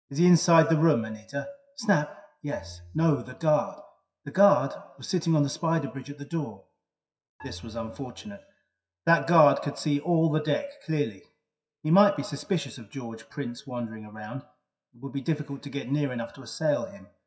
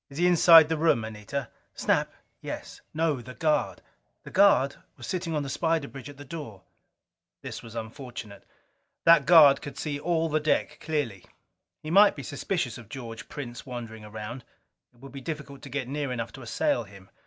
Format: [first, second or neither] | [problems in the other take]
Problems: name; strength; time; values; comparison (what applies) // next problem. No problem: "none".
second | noise reduction (classical method WPE with log-MMSE)